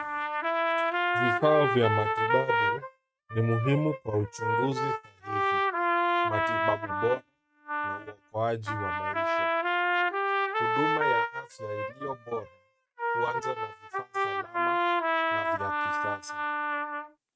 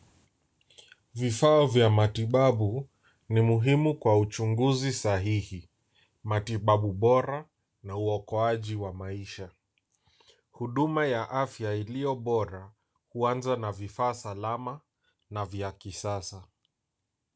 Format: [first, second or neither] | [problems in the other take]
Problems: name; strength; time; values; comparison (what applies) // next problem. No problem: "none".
second | noise reduction (neural mask model RNNoise)